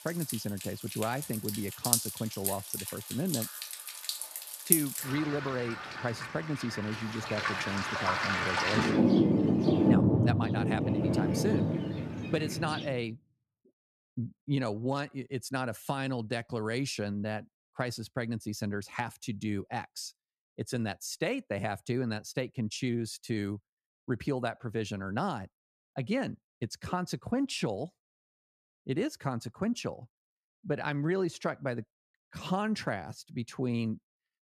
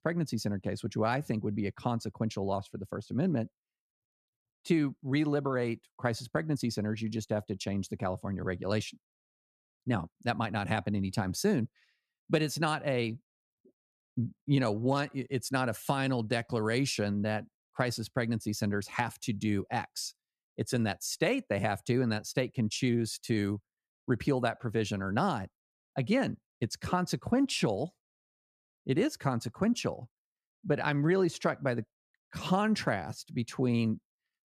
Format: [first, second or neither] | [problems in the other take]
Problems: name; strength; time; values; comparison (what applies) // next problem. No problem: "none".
second | rain or running water; very loud; until 13 s; 4 dB above the speech